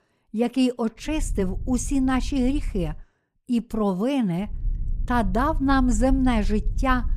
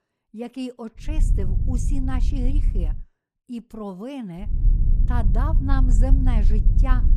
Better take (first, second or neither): first